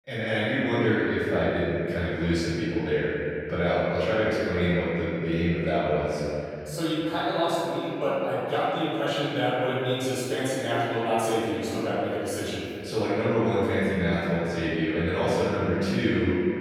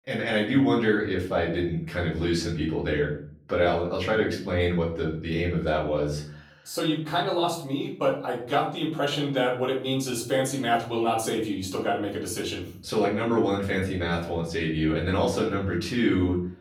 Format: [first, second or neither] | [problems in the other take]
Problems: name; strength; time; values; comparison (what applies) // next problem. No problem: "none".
second | room echo; strong; dies away in 2.8 s; slight in the second // off-mic speech; far; far in the second